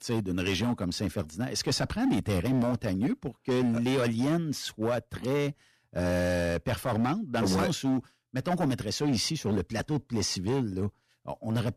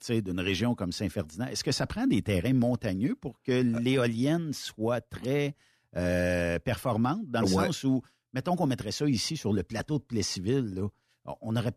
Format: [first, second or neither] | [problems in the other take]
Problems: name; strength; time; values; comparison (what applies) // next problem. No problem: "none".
second | distortion; slight; 10% of the sound clipped